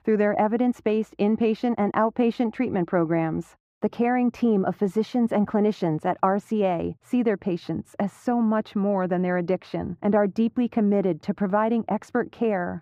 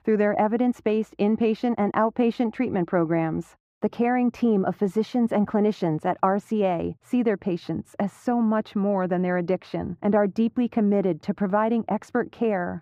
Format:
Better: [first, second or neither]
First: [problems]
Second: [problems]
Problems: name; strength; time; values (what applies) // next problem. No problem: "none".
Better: neither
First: muffled; very; fading above 3.5 kHz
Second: muffled; very; fading above 3.5 kHz